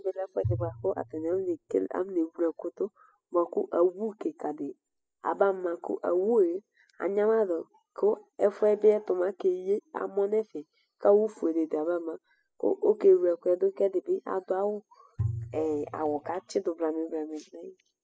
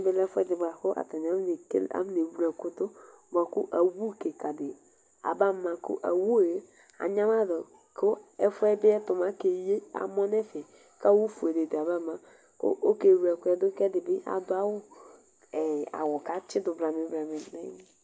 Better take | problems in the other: second | noise reduction (classical method spectral subtraction)

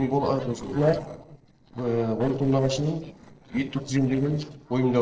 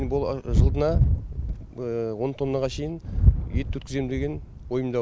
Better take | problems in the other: second | noise reduction (neural separator model SepFormer DNS4)

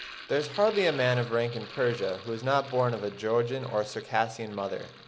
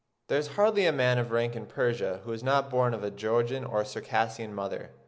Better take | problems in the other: second | background sound (Sink (filling or washing)); 16 dB below the speech

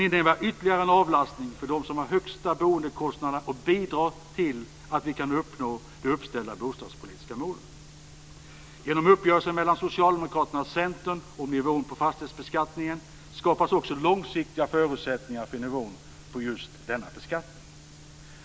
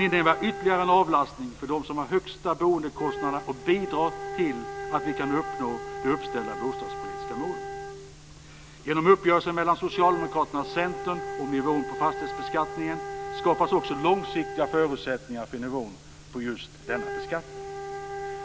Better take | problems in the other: first | background sound (Wind instrument, woodwind instrument); 9 dB below the speech

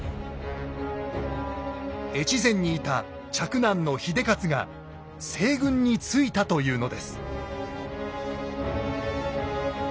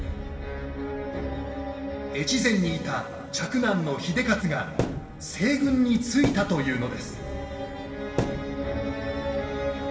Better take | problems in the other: first | background sound (Thump, thud); 7 dB below the speech // room echo; dies away in 2.5 s

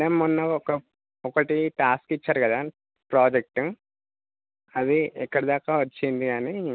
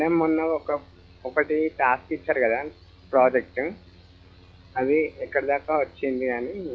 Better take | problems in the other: first | noise reduction (classical method log-MMSE)

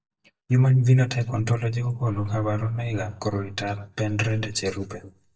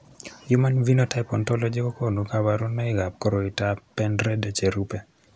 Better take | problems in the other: second | noise reduction (neural mask model DeepFilterNet 3)

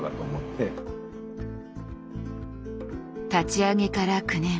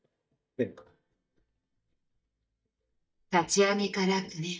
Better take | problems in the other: first | noise reduction (neural mask model DeepFilterNet 3)

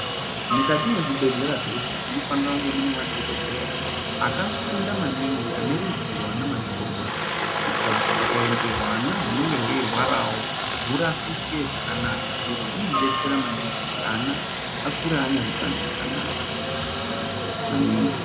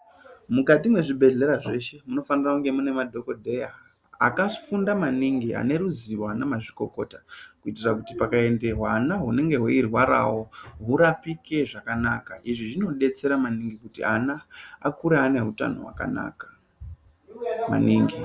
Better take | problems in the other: second | background sound (Aircraft); 1 dB above the speech // room echo; dies away in 0.3 s

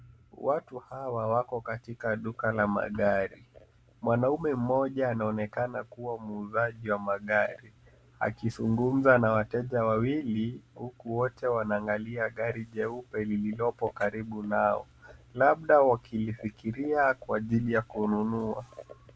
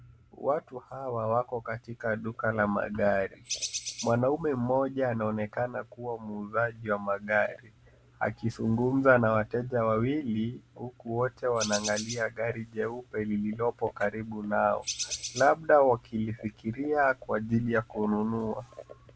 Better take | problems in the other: first | background sound (Bird); 7 dB below the speech

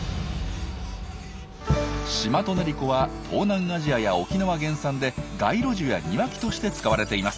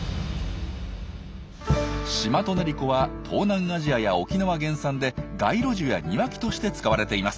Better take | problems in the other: second | background sound (Printer); 19 dB below the speech

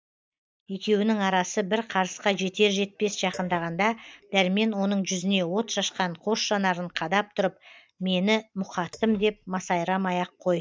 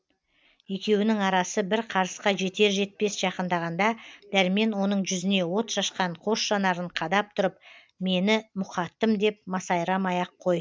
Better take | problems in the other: second | noise reduction (neural mask model DeepFilterNet 3)

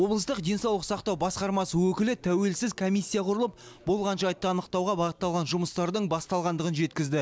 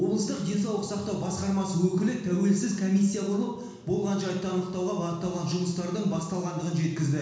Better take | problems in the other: first | room echo; dies away in 1.1 s

